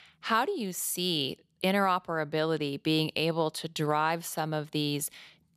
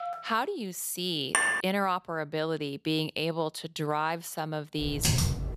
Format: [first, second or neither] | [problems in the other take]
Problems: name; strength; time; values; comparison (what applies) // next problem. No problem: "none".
first | phone ringing; noticeable; at the start; peak 7 dB below the speech // clattering dishes; loud; at 1.5 s; peak 6 dB above the speech // keyboard typing; loud; at 5 s; peak 5 dB above the speech